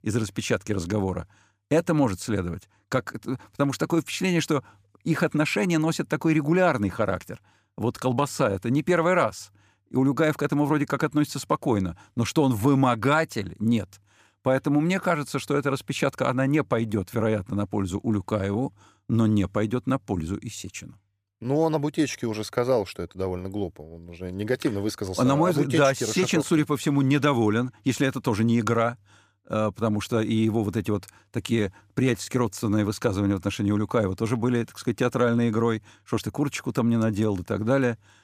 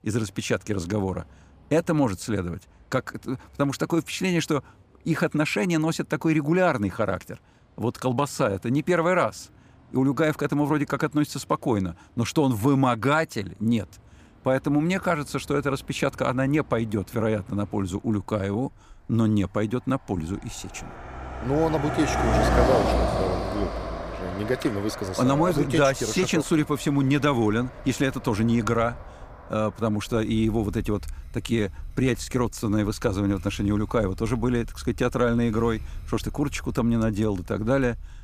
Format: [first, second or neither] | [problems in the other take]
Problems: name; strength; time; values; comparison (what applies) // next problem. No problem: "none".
first | traffic noise; loud; throughout; 7 dB below the speech